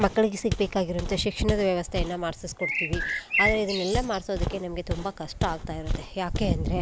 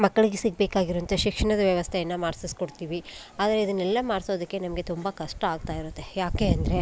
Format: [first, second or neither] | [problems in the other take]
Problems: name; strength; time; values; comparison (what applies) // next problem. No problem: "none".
second | background sound (Walk, footsteps + Bird); 4 dB below the speech